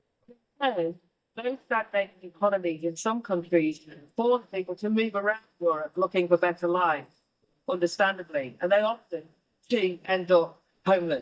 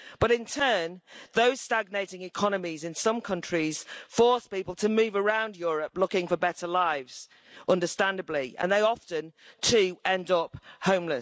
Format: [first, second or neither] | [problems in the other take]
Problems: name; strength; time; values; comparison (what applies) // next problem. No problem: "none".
second | noise reduction (neural mask model DeepFilterNet 3)